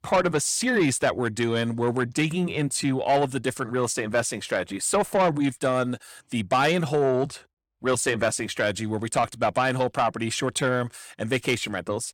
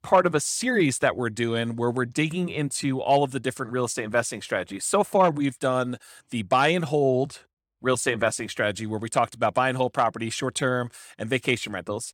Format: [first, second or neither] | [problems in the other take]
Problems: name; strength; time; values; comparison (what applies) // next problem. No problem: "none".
second | distortion; slight; 10 dB below the speech